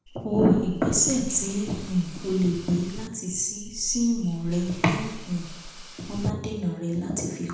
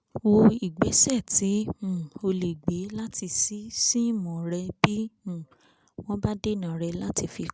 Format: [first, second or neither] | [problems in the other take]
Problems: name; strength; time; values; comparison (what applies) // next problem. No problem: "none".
second | background sound (Hiss / Insect); 14 dB below the speech // room echo; dies away in 0.8 s